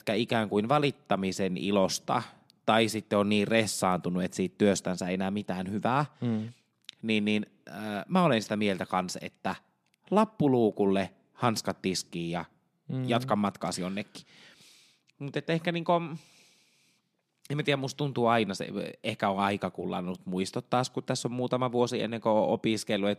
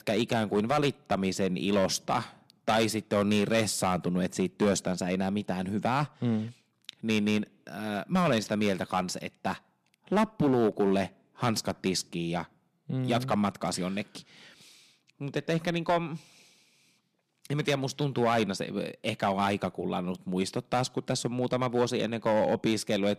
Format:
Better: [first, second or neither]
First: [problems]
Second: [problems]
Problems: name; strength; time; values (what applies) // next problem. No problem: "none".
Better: first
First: none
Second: distortion; slight; 3% of the sound clipped